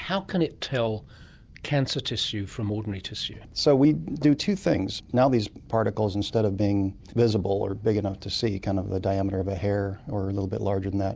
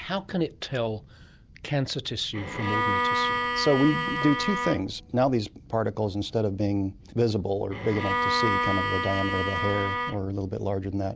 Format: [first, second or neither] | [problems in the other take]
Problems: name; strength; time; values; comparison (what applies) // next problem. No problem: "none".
first | background sound (Bowed string instrument); 1 dB below the speech